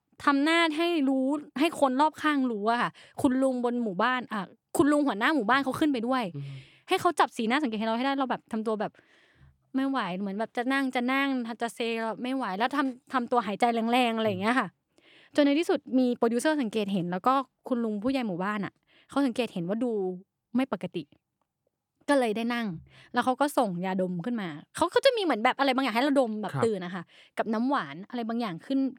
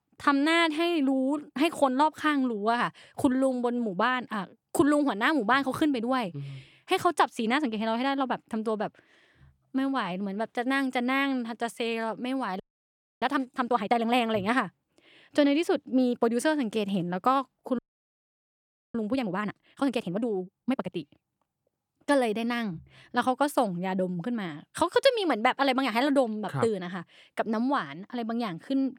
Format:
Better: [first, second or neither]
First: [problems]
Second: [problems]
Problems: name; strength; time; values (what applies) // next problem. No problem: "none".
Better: first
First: none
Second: audio freezing; at 13 s for 0.5 s and at 18 s for 1 s